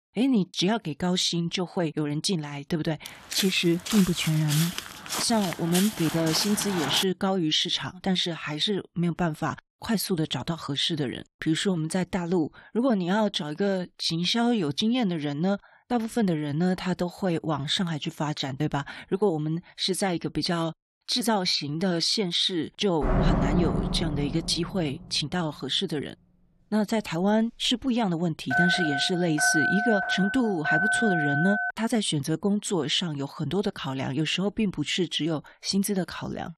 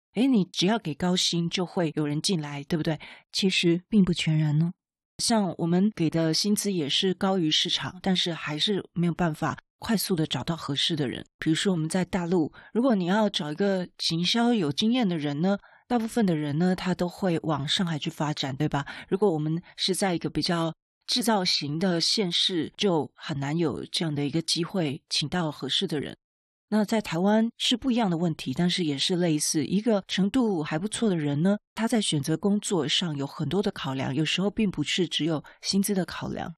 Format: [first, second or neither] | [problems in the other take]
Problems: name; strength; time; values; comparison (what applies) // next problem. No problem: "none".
second | footsteps; noticeable; from 3 to 7 s; peak 3 dB below the speech // door banging; loud; from 23 to 25 s; peak 3 dB above the speech // phone ringing; loud; from 29 to 32 s; peak 4 dB above the speech